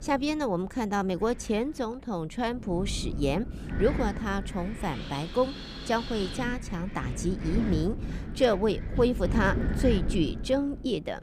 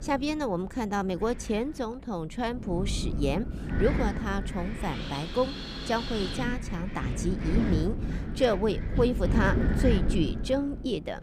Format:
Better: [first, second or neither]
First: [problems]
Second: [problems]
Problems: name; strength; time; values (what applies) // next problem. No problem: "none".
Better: first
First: wind noise on the microphone; occasional gusts; 10 dB below the speech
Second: wind noise on the microphone; heavy; 7 dB below the speech